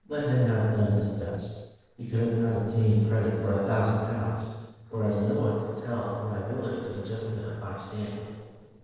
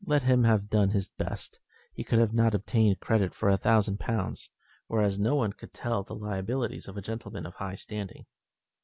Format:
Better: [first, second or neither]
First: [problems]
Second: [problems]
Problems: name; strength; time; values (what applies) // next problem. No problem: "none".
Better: second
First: noise reduction (neural separator model SepFormer DNS4)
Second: none